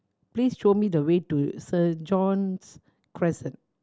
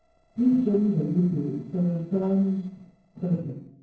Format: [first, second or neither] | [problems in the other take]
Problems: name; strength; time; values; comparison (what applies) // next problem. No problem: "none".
first | noise reduction (neural separator model SepFormer DNS4)